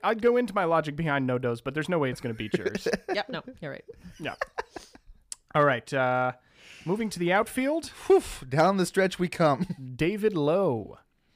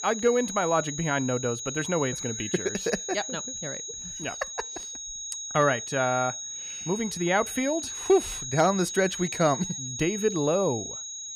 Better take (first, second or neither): first